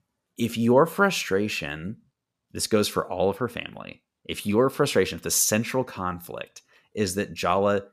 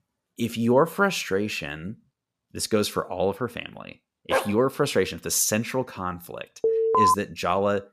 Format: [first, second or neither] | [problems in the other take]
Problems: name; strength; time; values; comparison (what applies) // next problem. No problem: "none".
first | dog barking; noticeable; at 4.5 s; peak 2 dB below the speech // alarm; loud; at 6.5 s; peak 5 dB above the speech